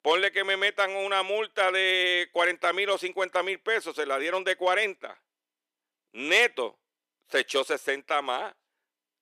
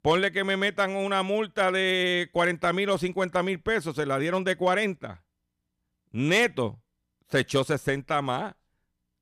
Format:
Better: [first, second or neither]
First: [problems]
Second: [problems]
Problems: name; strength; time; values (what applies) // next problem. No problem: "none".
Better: second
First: thin; very; fading below 350 Hz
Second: none